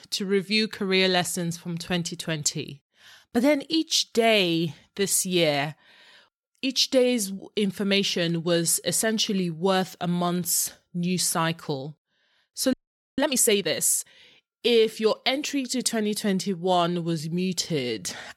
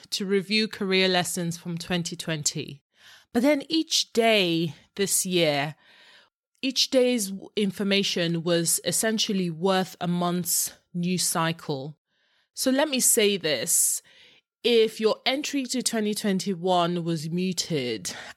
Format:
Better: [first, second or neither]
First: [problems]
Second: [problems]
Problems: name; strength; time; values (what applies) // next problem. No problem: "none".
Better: second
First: audio freezing; at 13 s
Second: none